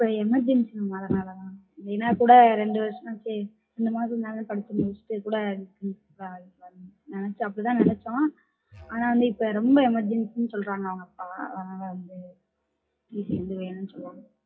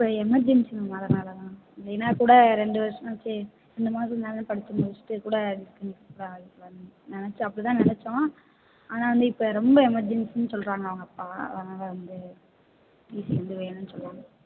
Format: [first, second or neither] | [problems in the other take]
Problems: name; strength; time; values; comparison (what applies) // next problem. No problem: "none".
second | noise reduction (classical method WPE with log-MMSE)